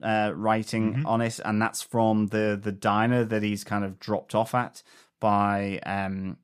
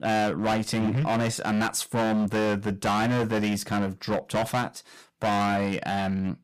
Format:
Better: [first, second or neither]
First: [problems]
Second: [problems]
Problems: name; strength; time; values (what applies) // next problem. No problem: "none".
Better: first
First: none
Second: distortion; heavy; 23% of the sound clipped